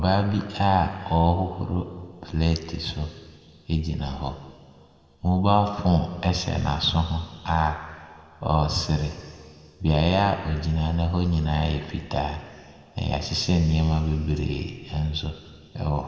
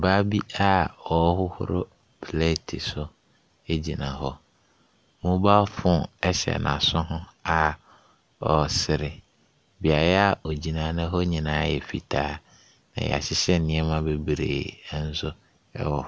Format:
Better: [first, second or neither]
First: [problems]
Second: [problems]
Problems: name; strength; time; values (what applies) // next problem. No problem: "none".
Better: second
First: room echo; dies away in 1.9 s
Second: none